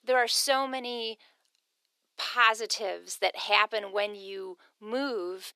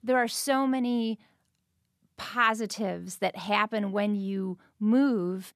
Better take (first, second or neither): second